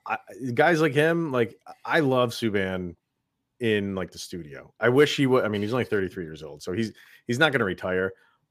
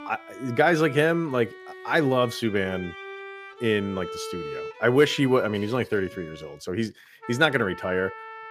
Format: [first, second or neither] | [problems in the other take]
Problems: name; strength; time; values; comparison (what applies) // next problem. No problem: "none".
first | background music; noticeable; throughout; 15 dB below the speech